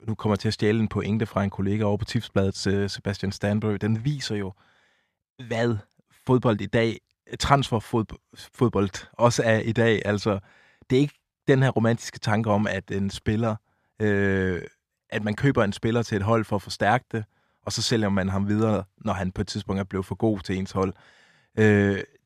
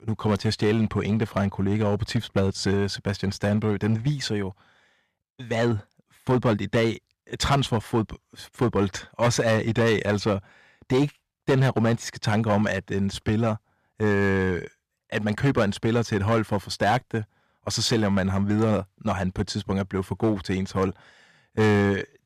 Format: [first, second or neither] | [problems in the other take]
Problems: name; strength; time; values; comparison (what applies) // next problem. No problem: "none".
first | distortion; slight; 5% of the sound clipped